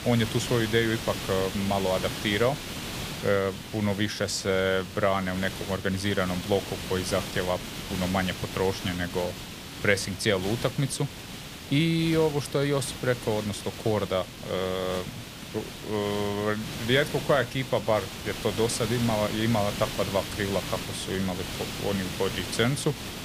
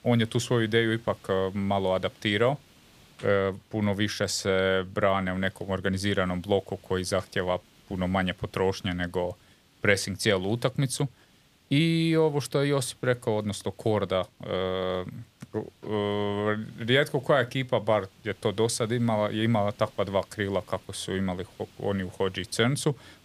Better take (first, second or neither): second